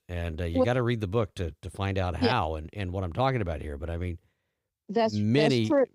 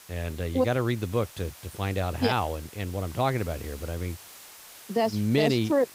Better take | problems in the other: first | hiss; noticeable; throughout; 15 dB below the speech

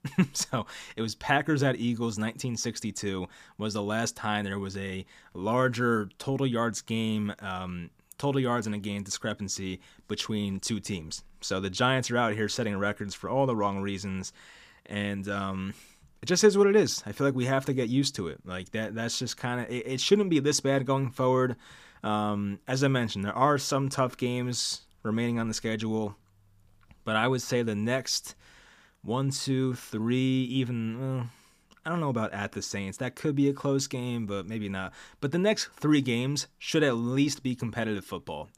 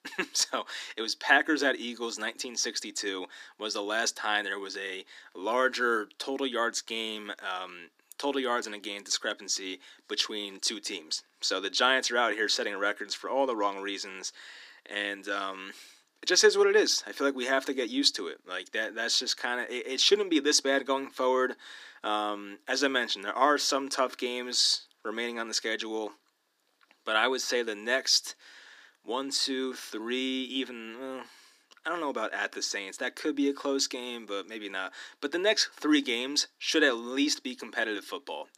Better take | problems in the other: first | thin; somewhat; fading below 300 Hz

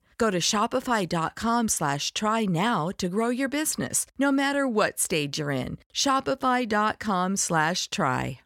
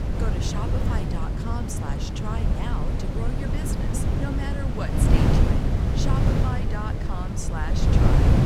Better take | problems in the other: first | wind noise on the microphone; heavy; 3 dB above the speech

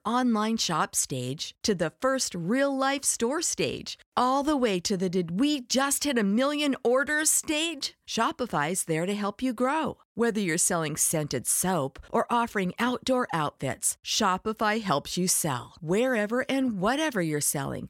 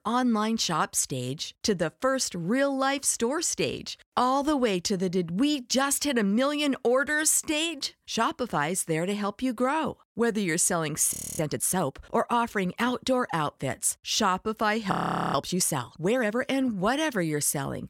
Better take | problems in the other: first | audio freezing; at 11 s and at 15 s

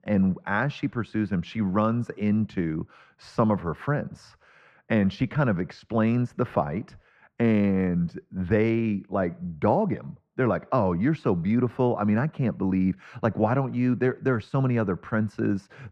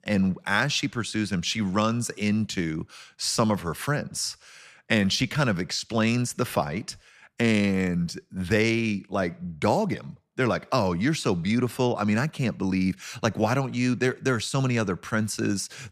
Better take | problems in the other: second | muffled; very; fading above 3.5 kHz

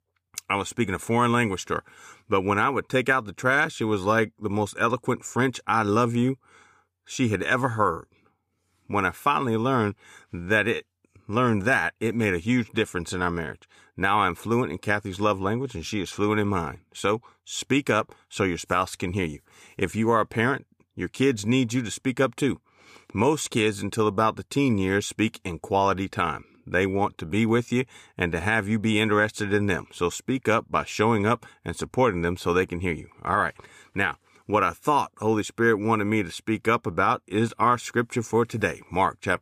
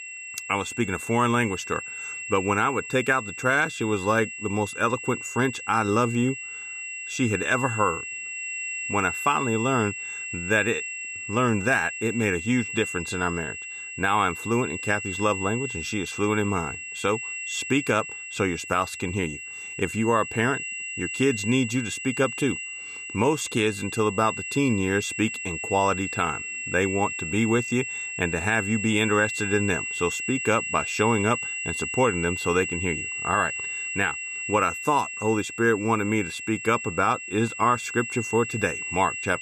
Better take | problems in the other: first | high-pitched whine; loud; throughout; 2.5 kHz, 6 dB below the speech

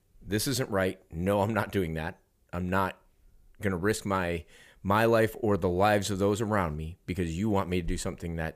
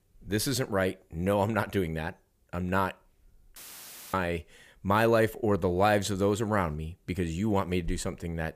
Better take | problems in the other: first | audio cutting out; filled with static; at 3.5 s for 0.5 s

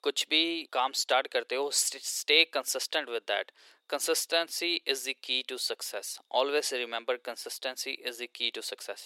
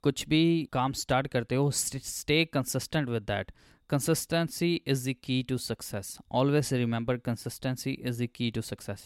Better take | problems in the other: second | thin; very; fading below 400 Hz

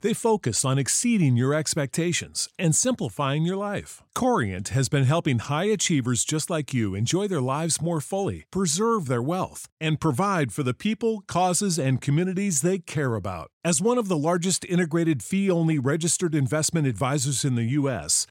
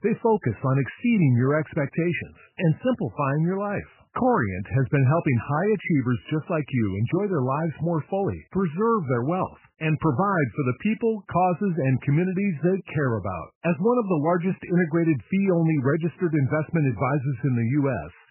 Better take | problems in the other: first | garbled, watery; badly; nothing above 3 kHz

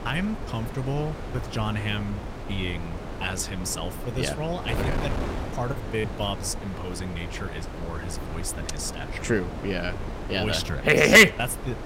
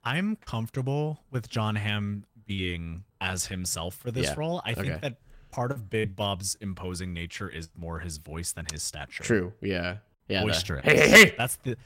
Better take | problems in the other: second | wind noise on the microphone; occasional gusts; 15 dB below the speech

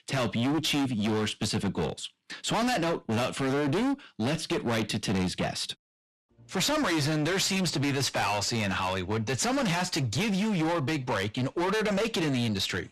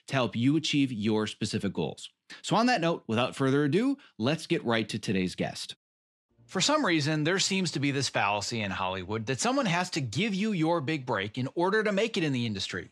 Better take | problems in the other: second | distortion; heavy; 28% of the sound clipped

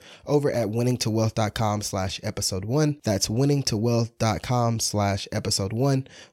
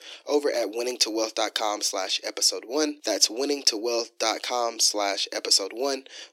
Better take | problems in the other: first | thin; somewhat; fading below 300 Hz

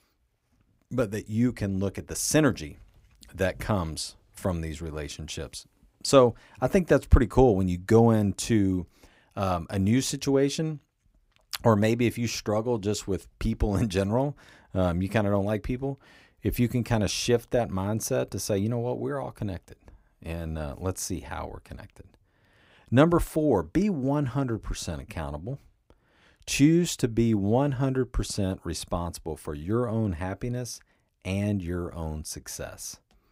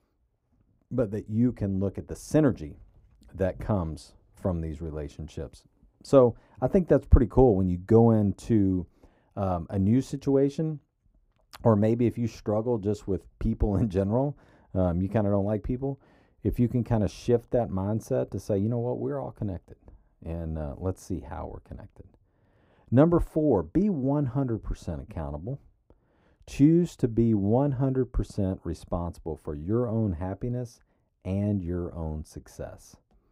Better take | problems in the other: first | muffled; slightly; fading above 1.5 kHz

